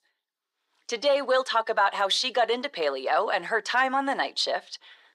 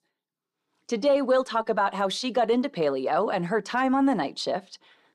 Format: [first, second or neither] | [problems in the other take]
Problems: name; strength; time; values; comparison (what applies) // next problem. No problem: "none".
second | thin; somewhat; fading below 550 Hz